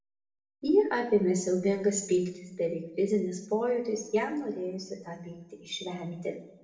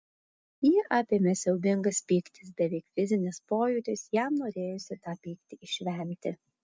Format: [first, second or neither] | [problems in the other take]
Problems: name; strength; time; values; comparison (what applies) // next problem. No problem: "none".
second | room echo; dies away in 0.7 s